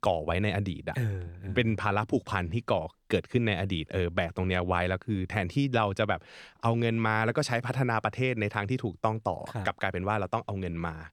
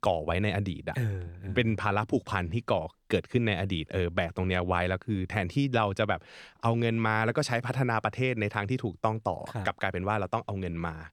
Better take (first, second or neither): neither